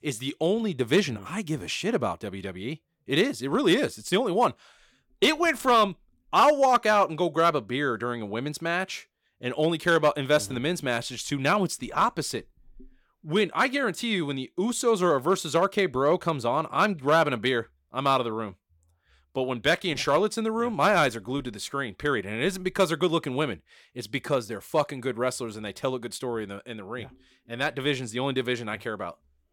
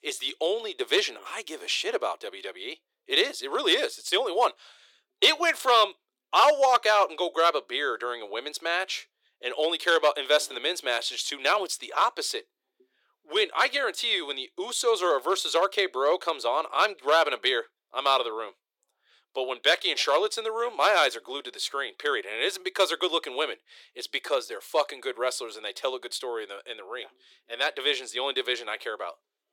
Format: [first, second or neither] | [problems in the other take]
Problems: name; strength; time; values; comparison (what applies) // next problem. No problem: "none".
first | thin; very; fading below 400 Hz